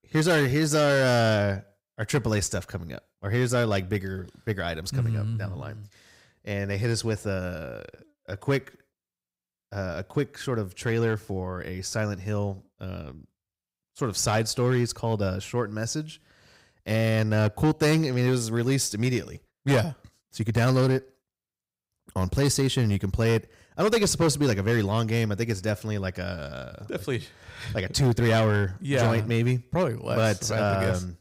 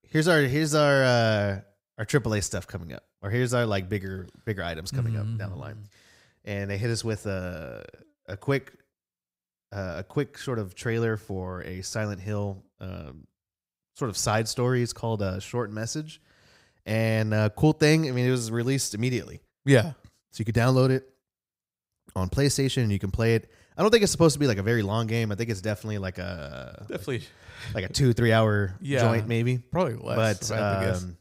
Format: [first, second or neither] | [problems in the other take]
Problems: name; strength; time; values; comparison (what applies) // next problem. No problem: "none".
second | distortion; slight; 5% of the sound clipped